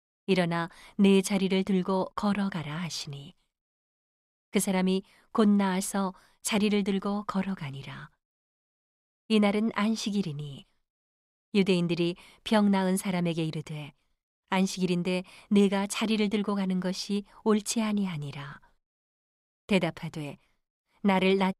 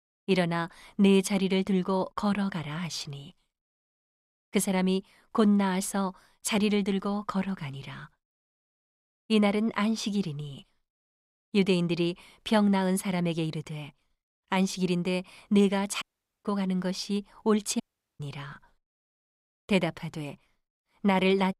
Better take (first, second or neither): first